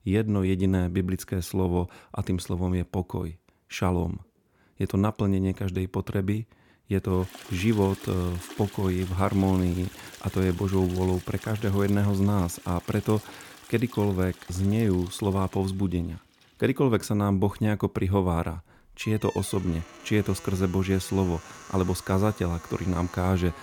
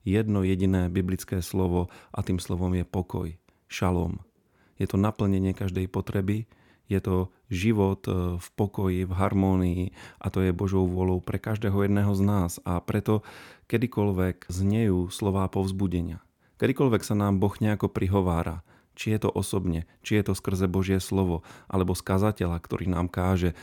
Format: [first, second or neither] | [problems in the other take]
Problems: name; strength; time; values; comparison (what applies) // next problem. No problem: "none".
second | household noises; noticeable; from 7 s on; 20 dB below the speech